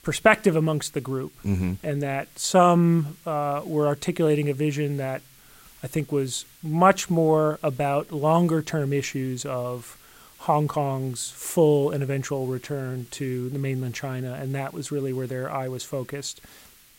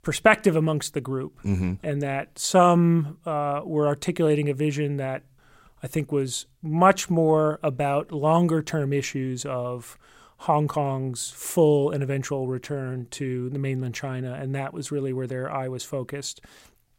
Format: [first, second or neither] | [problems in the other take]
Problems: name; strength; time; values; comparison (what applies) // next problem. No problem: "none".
second | hiss; faint; throughout; 25 dB below the speech